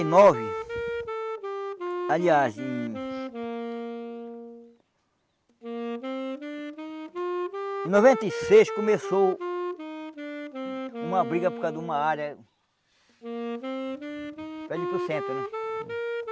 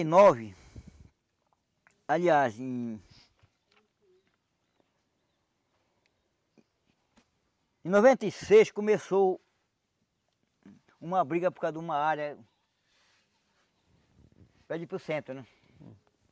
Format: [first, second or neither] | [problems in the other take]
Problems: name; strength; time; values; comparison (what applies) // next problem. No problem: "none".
second | background sound (Wind instrument, woodwind instrument); 6 dB below the speech